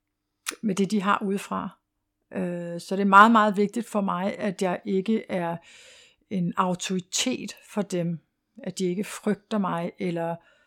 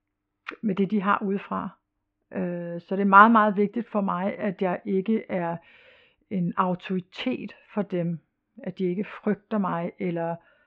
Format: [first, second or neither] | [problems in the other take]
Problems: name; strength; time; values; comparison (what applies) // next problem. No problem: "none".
first | muffled; very; fading above 2.5 kHz